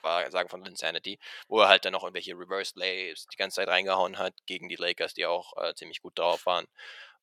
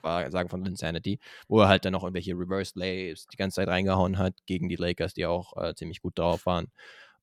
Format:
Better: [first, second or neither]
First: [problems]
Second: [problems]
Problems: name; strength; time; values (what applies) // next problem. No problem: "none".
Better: second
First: thin; very; fading below 650 Hz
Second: none